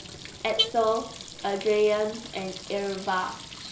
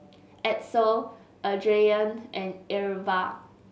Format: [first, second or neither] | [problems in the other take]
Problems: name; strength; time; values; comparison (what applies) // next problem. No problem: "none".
second | background sound (Alarm / Car + Sink (filling or washing) / Water tap, faucet); 8 dB below the speech